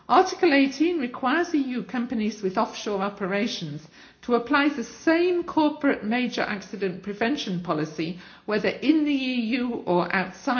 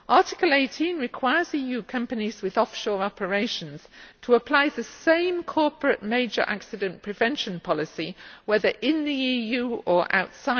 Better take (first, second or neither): second